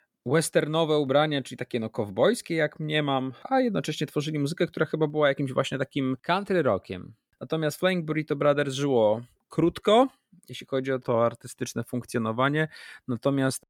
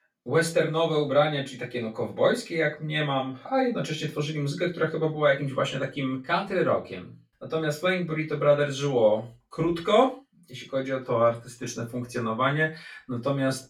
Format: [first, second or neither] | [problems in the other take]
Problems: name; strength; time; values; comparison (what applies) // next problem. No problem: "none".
first | room echo; slight; dies away in 0.2 s // off-mic speech; far